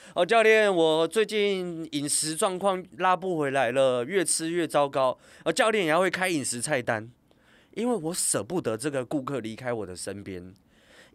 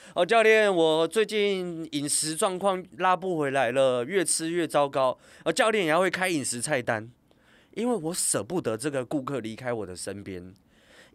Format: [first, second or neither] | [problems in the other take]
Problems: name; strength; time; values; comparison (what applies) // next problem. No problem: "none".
neither | none